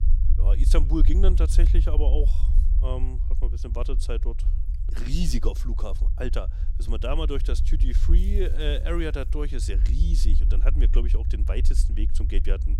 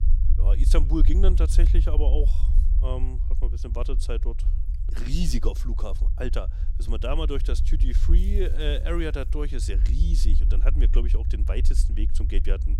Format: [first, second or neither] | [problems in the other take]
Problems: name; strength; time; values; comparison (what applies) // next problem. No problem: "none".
neither | low rumble; noticeable; throughout; 10 dB below the speech; the same in both